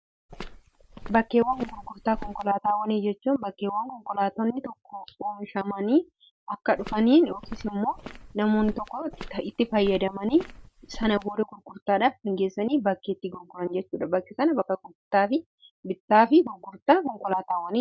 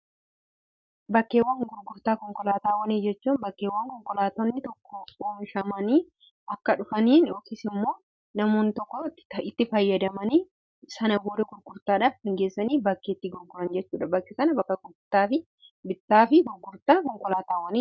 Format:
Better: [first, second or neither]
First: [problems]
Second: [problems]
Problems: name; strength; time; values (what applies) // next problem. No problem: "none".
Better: second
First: background sound (Walk, footsteps); 15 dB below the speech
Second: none